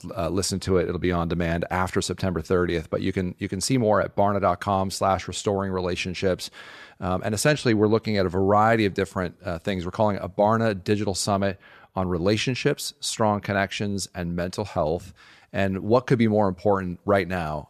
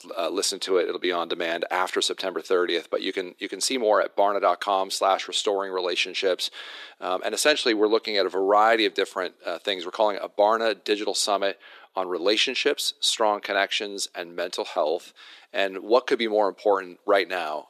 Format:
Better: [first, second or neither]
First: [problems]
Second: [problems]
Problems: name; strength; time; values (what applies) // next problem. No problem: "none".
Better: first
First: none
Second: thin; somewhat; fading below 300 Hz